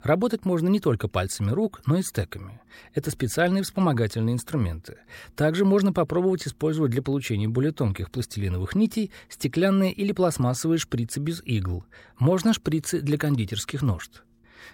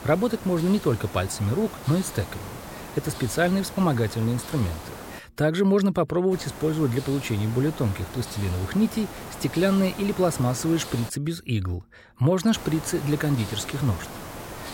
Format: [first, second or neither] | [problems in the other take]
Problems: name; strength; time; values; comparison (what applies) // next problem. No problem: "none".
first | hiss; noticeable; until 5 s, from 6.5 to 11 s and from 13 s on; 15 dB below the speech